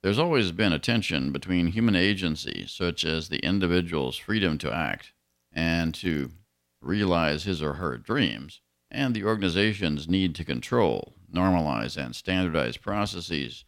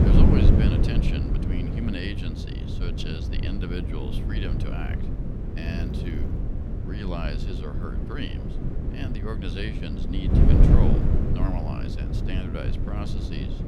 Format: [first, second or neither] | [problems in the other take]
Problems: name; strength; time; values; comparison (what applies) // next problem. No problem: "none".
first | wind noise on the microphone; heavy; 2 dB above the speech